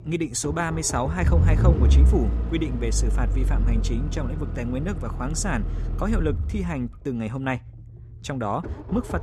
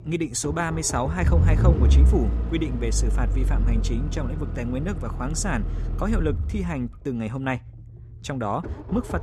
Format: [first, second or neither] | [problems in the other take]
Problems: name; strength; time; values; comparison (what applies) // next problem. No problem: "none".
neither | low rumble; loud; throughout; 9 dB below the speech; the same in both